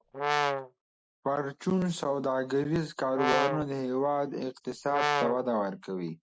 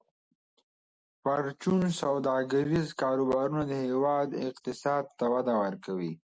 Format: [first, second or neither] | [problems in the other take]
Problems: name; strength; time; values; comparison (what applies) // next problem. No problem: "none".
second | background sound (Brass instrument); 1 dB above the speech